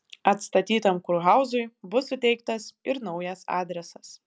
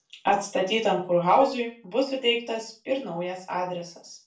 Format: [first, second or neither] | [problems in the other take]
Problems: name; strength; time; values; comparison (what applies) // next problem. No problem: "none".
first | background sound (Dishes, pots, and pans); 14 dB below the speech // room echo; dies away in 0.3 s